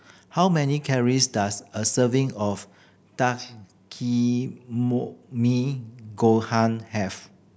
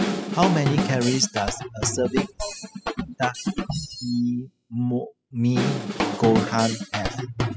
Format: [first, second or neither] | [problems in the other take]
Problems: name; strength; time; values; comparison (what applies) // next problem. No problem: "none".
first | noise reduction (classical method spectral subtraction)